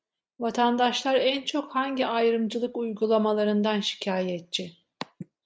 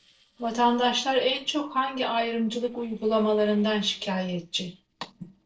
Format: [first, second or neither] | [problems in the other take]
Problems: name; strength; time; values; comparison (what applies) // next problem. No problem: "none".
first | noise reduction (neural separator model SepFormer DNS4)